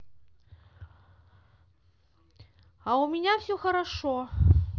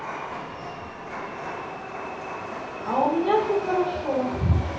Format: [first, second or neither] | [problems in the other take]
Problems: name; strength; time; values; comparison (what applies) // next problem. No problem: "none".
first | background sound (Chatter / Subway, metro, underground); 6 dB below the speech // room echo; dies away in 0.8 s